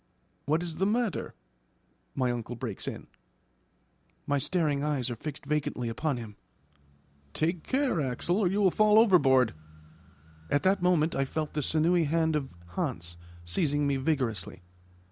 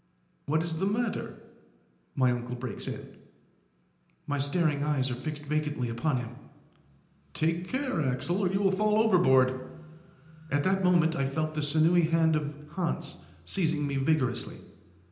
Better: first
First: none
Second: room echo; dies away in 0.9 s

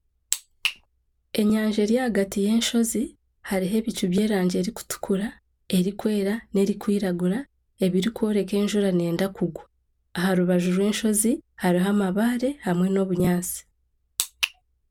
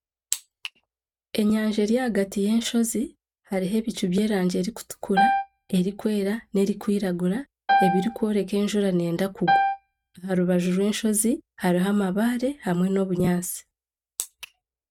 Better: first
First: none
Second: noise reduction (neural mask model RNNoise)

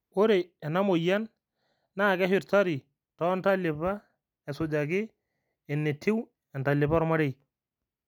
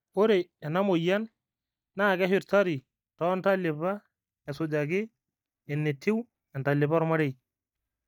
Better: first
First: none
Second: noise reduction (neural mask model DeepFilterNet 3)

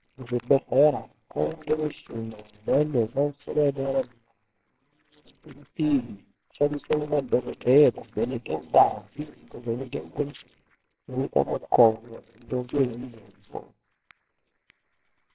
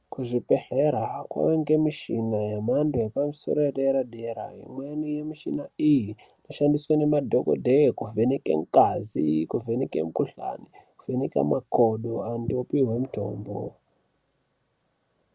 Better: second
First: noise reduction (neural separator model SepFormer WHAMR!)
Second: none

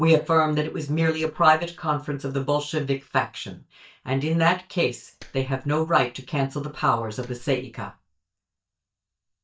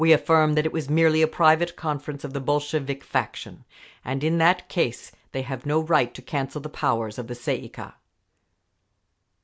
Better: second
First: noise reduction (neural mask model DeepFilterNet 3)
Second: none

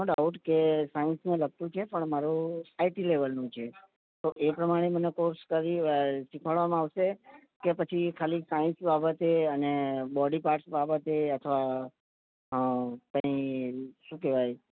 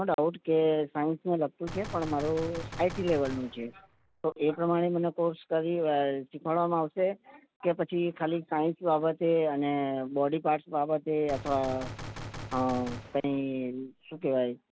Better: first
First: none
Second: background sound (Gunshot, gunfire); 12 dB below the speech

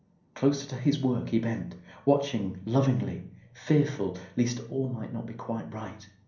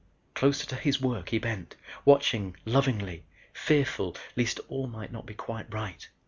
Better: second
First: room echo; dies away in 0.6 s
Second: none

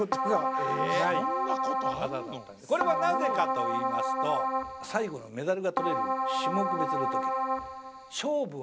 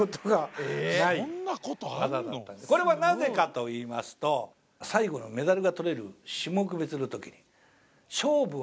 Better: second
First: background sound (Keyboard (musical)); 3 dB above the speech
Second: none

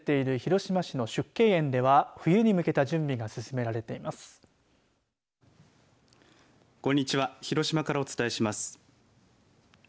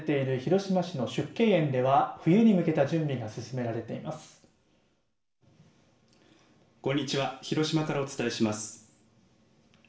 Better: first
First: none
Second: room echo; dies away in 0.5 s

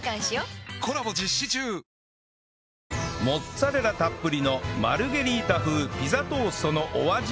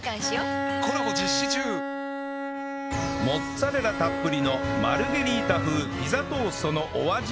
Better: first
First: none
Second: background sound (Bowed string instrument); 3 dB below the speech

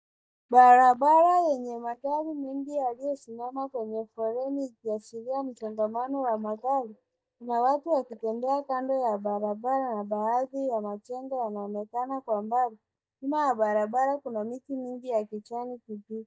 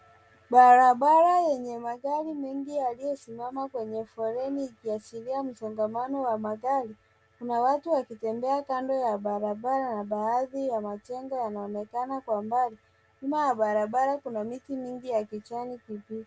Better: second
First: noise reduction (neural mask model DeepFilterNet 3)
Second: none

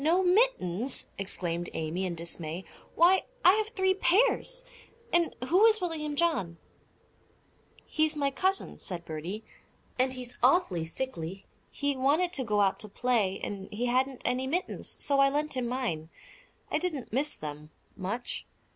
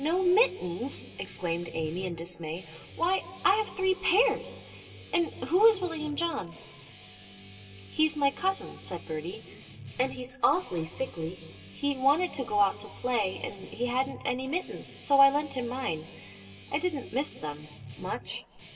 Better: first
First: none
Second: background sound (Guitar); 18 dB below the speech // room echo; dies away in 2.8 s

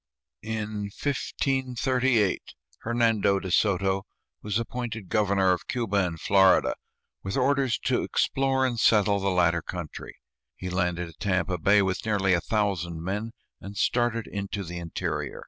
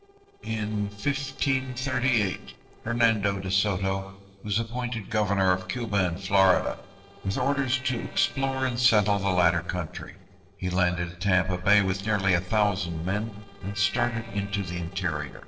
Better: first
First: none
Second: noise reduction (neural separator model SepFormer DNS4)

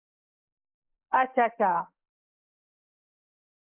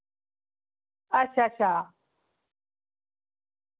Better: second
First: noise reduction (neural mask model Resemble Enhance denoiser)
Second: none

